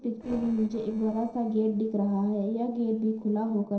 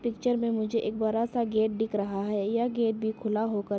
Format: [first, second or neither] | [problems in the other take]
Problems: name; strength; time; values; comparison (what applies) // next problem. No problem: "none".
second | noise reduction (neural separator model SepFormer DNS4)